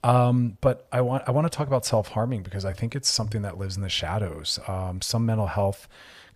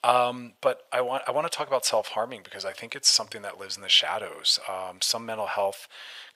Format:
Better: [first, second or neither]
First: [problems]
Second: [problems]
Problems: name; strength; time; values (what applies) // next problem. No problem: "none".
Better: first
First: none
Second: thin; very; fading below 600 Hz